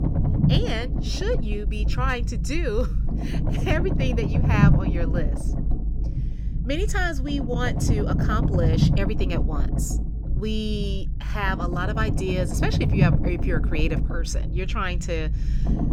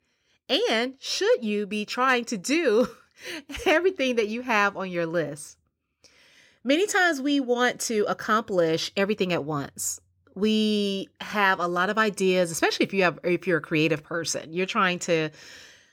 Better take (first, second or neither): second